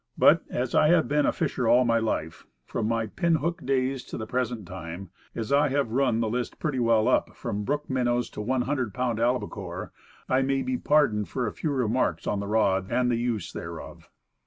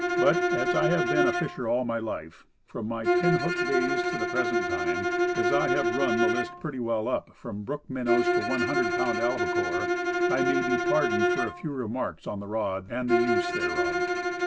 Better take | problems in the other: first | background sound (Bowed string instrument); 3 dB above the speech

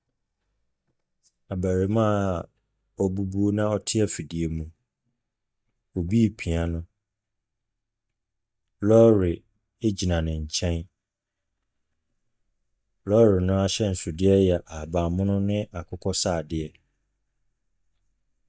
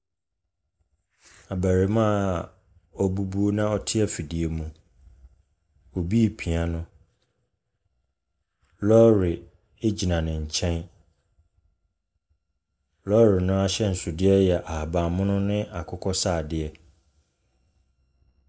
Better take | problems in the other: second | noise reduction (neural mask model DeepFilterNet 3)

